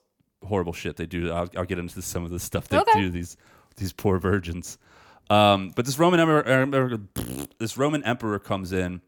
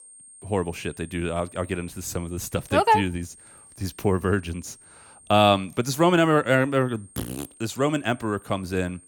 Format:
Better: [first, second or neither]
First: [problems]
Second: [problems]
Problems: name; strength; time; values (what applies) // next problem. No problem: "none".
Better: first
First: none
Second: high-pitched whine; faint; throughout; 8.5 kHz, 25 dB below the speech